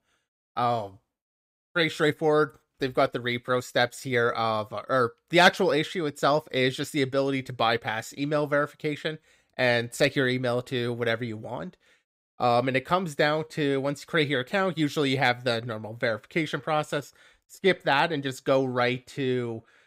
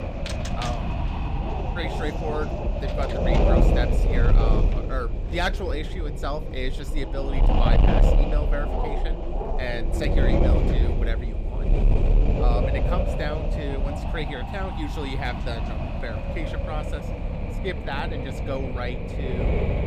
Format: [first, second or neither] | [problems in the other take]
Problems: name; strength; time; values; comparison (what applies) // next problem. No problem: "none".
first | wind noise on the microphone; heavy; 1 dB above the speech